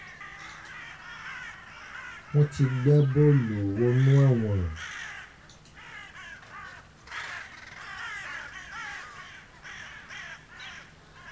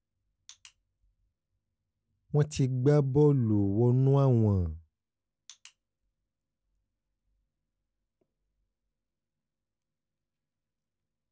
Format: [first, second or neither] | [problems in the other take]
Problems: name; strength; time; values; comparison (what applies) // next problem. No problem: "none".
second | background sound (Crow); 14 dB below the speech // room echo; dies away in 0.2 s